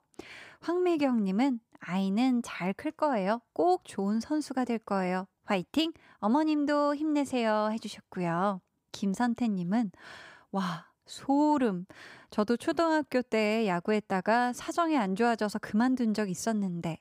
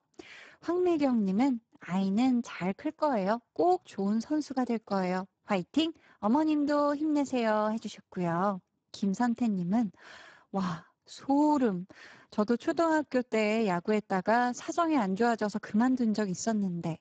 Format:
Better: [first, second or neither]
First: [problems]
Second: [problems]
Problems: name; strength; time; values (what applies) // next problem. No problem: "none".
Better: first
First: none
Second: garbled, watery; badly; nothing above 7.5 kHz